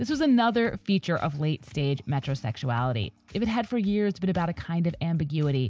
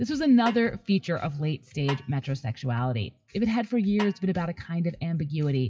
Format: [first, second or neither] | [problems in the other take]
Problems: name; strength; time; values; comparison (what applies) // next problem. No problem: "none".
first | noise reduction (classical method WPE with log-MMSE)